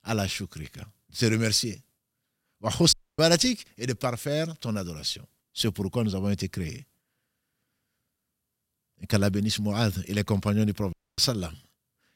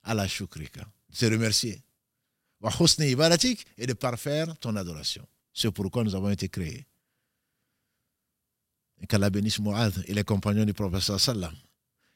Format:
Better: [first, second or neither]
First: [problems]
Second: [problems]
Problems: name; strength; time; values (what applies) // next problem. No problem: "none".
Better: second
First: audio cutting out; at 3 s and at 11 s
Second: none